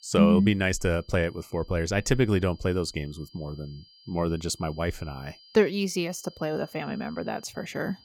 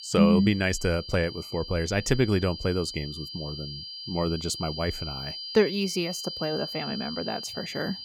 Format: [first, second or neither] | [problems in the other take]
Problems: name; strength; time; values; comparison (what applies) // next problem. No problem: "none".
first | high-pitched whine; loud; throughout; 5 kHz, 8 dB below the speech; faint in the first